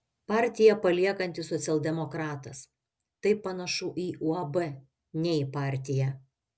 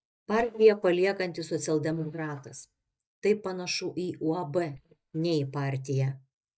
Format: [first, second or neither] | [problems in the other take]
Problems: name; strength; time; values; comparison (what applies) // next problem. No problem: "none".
first | noise reduction (neural mask model DeepFilterNet 3)